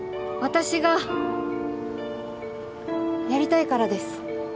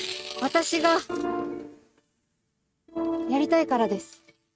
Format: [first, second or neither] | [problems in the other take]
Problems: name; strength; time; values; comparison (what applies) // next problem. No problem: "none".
first | noise reduction (neural mask model RNNoise)